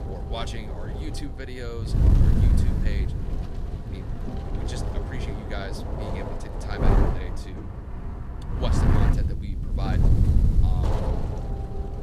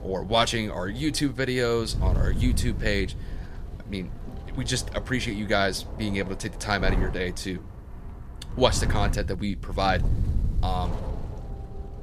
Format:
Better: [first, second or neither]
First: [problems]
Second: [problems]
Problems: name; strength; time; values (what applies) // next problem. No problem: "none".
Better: second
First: wind noise on the microphone; heavy; 3 dB above the speech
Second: wind noise on the microphone; occasional gusts; 15 dB below the speech